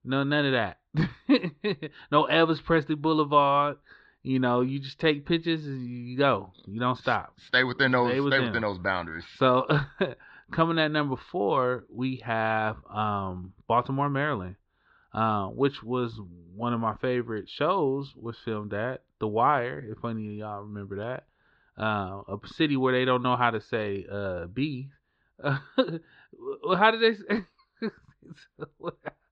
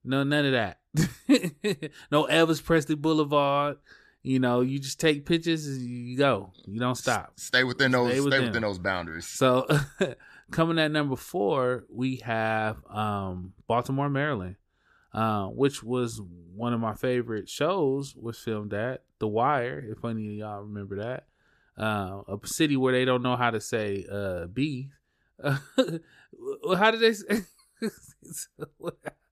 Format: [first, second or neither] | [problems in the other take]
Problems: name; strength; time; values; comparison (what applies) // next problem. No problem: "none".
second | muffled; very slightly; fading above 4 kHz